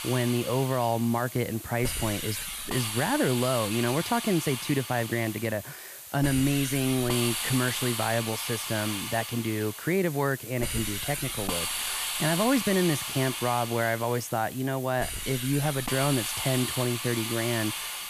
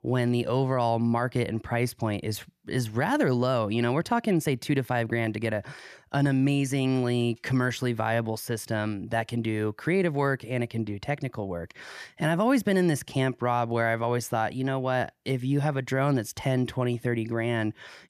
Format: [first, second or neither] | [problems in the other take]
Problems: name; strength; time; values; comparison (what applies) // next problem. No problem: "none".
second | hiss; loud; throughout; 4 dB below the speech